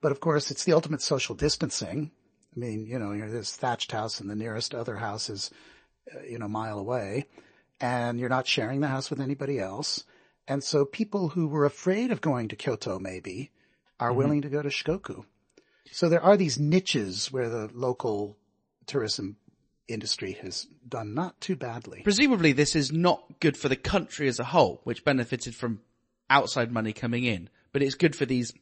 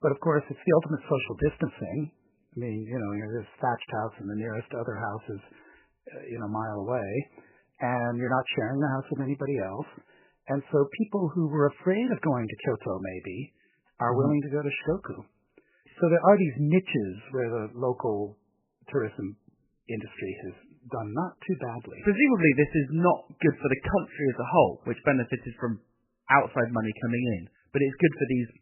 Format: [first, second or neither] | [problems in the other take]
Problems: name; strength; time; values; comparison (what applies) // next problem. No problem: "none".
first | garbled, watery; badly; nothing above 3 kHz; slightly in the first